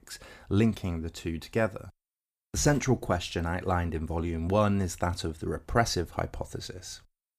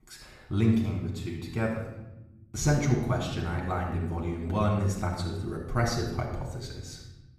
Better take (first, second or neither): first